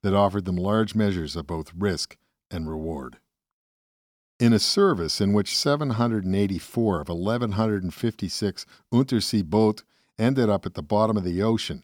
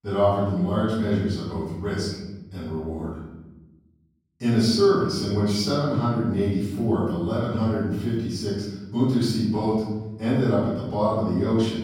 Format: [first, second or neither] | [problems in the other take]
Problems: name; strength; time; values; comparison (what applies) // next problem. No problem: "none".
first | off-mic speech; far // room echo; strong; dies away in 1.2 s